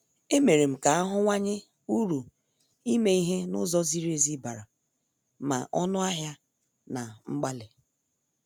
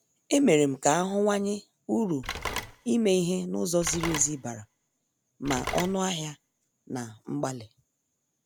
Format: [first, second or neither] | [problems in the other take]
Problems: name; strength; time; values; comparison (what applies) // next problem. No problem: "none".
first | background sound (Telephone); 10 dB below the speech